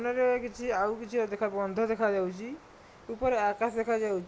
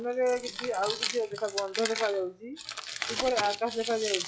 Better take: first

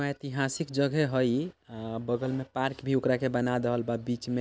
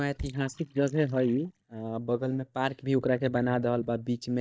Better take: first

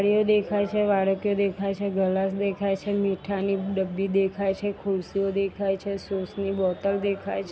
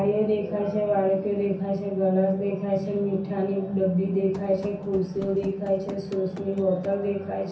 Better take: first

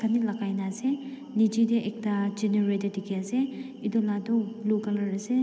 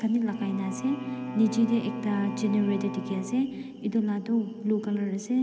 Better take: first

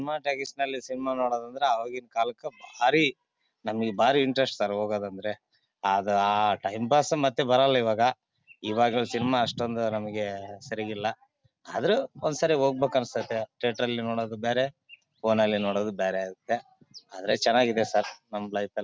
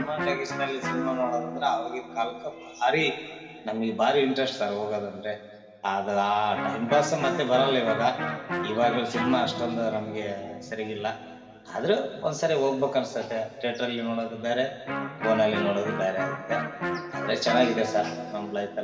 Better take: first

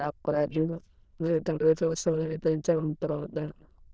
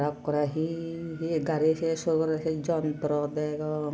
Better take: second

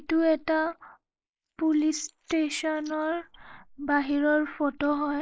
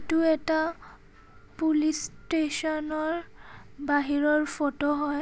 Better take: second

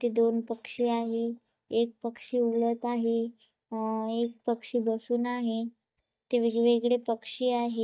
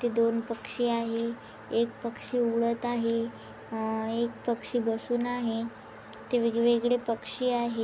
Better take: second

